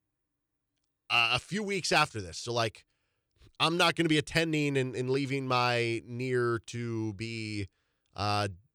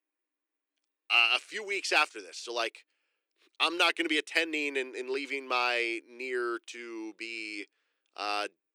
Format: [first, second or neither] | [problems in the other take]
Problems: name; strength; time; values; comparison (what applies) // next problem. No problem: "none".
first | thin; somewhat; fading below 300 Hz